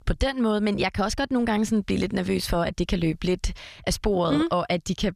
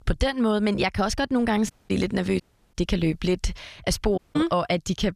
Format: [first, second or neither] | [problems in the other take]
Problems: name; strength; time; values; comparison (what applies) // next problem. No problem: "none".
first | audio cutting out; at 1.5 s, at 2.5 s and at 4 s